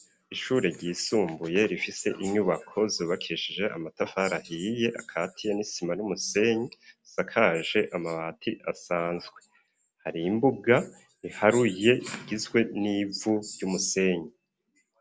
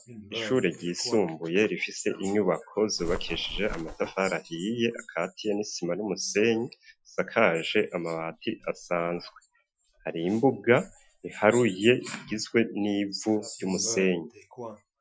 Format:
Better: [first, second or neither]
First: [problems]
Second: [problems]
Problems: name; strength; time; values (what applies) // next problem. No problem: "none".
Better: first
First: none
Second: noise reduction (classical method Wiener filter)